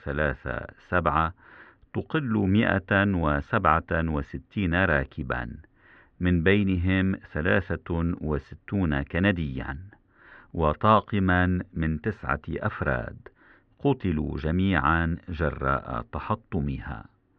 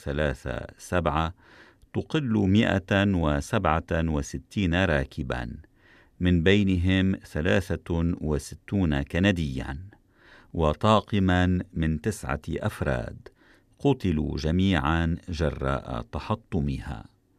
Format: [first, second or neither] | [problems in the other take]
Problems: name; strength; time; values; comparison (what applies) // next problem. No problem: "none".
second | muffled; very; fading above 3 kHz